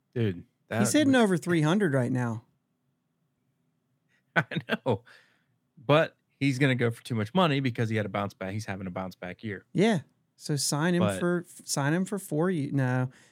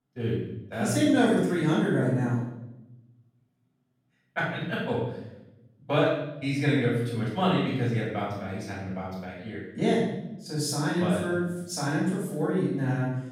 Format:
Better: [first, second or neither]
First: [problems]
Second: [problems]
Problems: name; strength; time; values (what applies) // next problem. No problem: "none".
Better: first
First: none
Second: off-mic speech; far // room echo; noticeable; dies away in 0.8 s